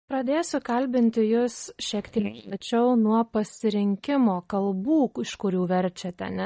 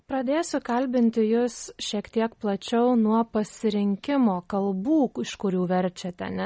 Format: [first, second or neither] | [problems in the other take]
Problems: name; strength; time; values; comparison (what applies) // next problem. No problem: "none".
second | noise reduction (neural mask model DeepFilterNet 3)